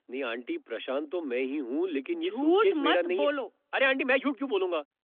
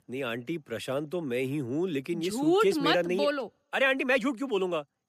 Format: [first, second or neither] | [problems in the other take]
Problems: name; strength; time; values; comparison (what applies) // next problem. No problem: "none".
second | phone-call audio; nothing above 3.5 kHz